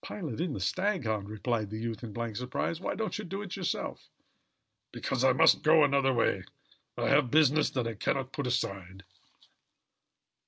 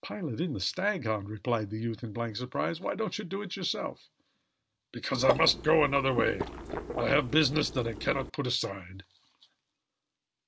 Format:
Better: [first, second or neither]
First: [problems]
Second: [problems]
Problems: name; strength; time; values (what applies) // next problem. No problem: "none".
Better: first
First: none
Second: background sound (Water / Liquid); 5 dB below the speech